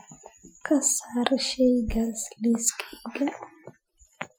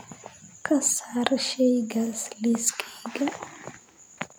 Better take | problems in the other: second | noise reduction (classical method Wiener filter)

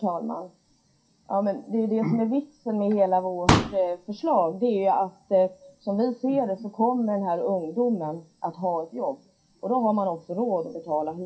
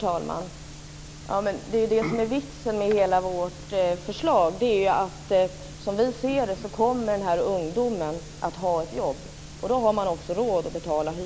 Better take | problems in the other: second | noise reduction (classical method WPE with log-MMSE)

